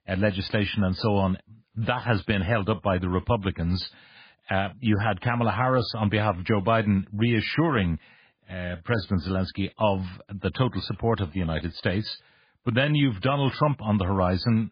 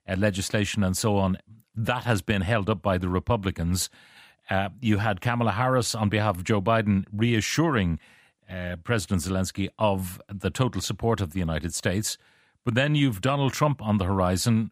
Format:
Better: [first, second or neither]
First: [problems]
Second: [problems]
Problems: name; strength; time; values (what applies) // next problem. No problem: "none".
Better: second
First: garbled, watery; badly; nothing above 4.5 kHz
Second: none